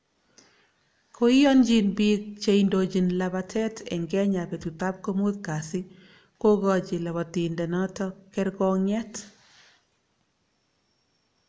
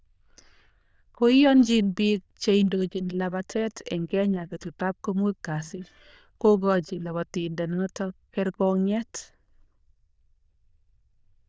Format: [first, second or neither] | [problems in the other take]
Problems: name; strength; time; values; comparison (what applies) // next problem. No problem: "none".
first | noise reduction (neural diffusion model UNIVERSE++)